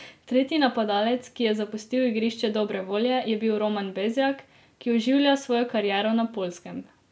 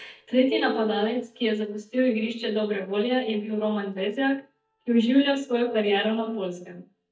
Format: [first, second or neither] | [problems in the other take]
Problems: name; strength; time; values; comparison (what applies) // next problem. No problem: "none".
first | noise reduction (neural mask model DeepFilterNet 3)